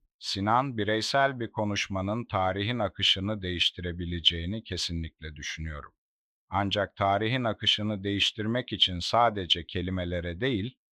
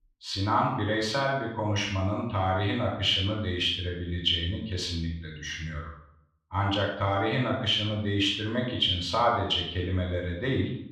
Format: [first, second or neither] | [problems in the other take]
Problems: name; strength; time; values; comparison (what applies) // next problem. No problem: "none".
first | off-mic speech; far // room echo; noticeable; dies away in 0.6 s